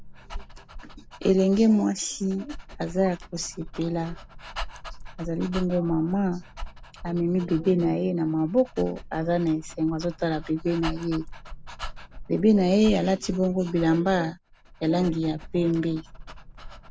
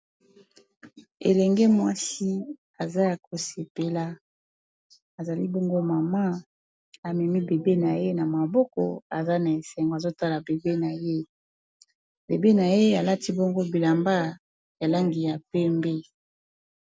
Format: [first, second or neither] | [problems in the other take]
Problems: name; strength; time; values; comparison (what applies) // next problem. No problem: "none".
second | background sound (Dog); 13 dB below the speech